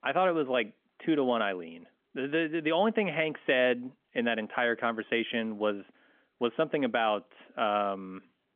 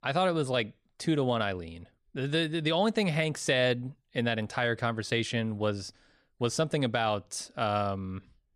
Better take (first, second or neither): second